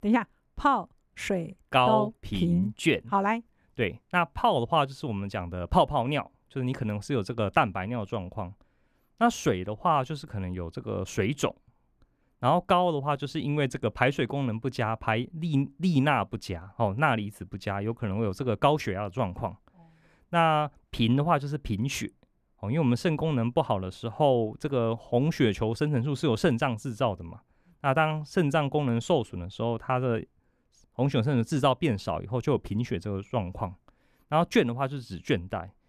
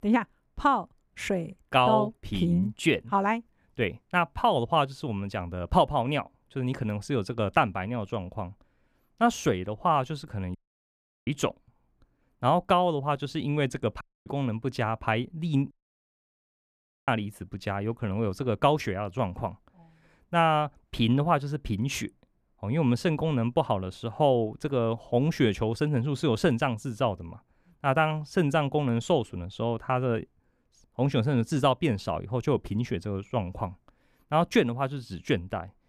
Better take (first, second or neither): first